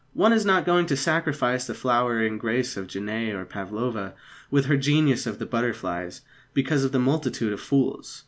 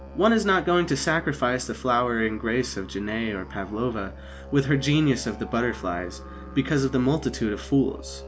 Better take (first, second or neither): first